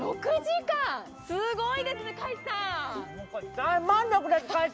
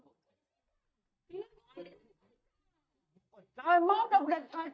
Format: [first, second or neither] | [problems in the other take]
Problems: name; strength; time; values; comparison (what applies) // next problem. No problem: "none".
first | noise reduction (neural mask model DeepFilterNet 3)